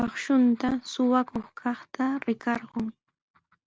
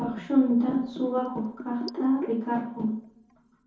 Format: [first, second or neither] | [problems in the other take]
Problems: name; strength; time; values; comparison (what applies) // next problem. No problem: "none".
first | background sound (Bathtub (filling or washing)); 14 dB below the speech // room echo; dies away in 0.6 s